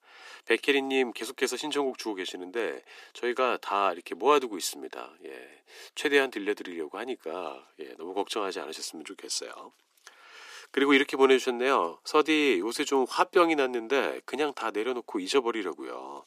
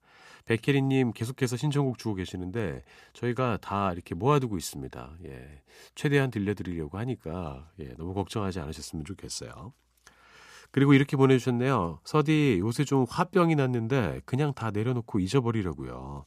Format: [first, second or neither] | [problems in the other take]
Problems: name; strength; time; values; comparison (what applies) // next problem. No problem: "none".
second | thin; somewhat; fading below 300 Hz